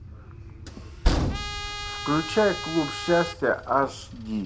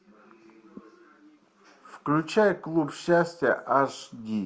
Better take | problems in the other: second | background sound (Train + Trumpet); 3 dB below the speech

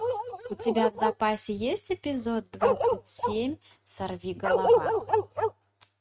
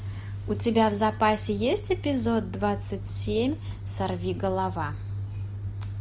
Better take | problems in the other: second | noise reduction (neural mask model RNNoise)

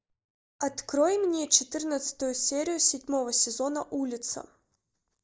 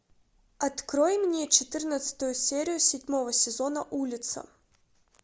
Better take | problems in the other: second | noise reduction (neural mask model DeepFilterNet 3)

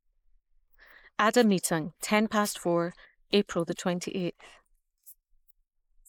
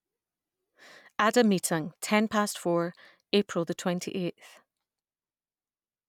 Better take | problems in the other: second | noise reduction (neural mask model Resemble Enhance denoiser)

